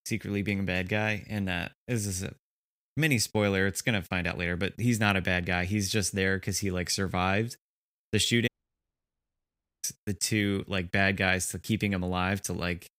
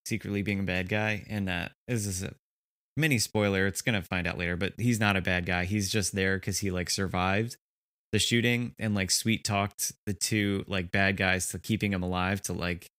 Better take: second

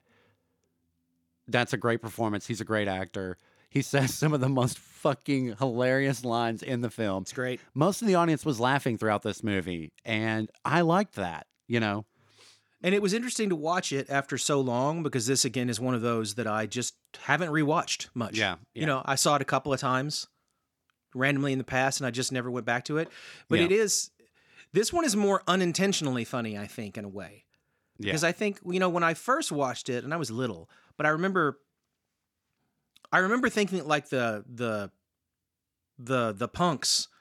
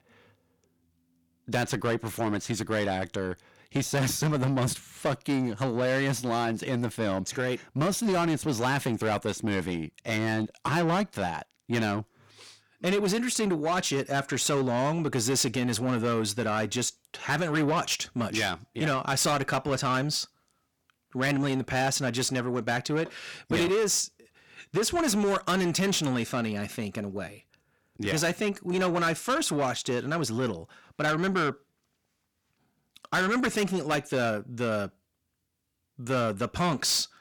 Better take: first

